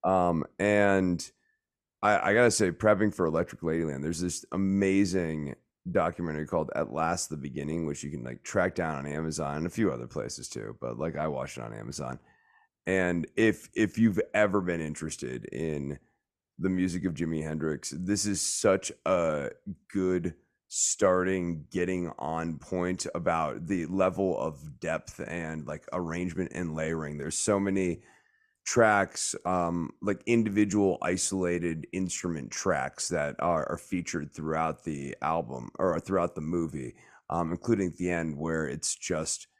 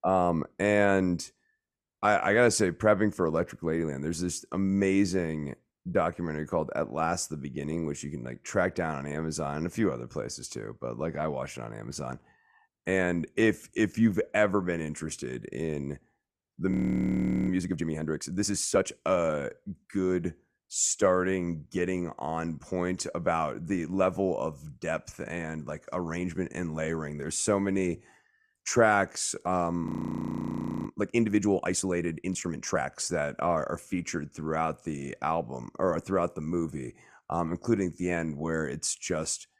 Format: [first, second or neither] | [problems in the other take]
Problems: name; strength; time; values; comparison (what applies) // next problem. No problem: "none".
first | audio freezing; at 17 s for 1 s and at 30 s for 1 s